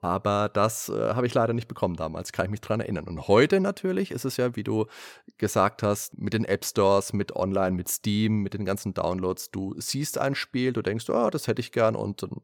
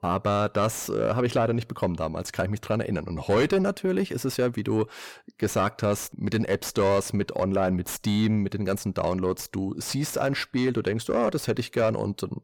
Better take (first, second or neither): first